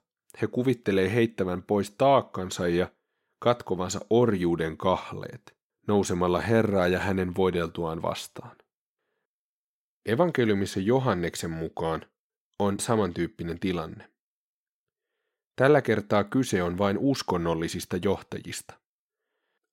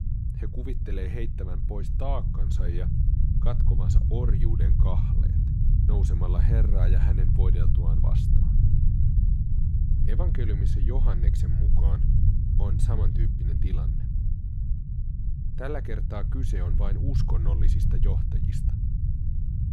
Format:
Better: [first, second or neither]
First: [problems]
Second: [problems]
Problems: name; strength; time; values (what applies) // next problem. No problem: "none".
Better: first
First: none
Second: low rumble; loud; throughout; as loud as the speech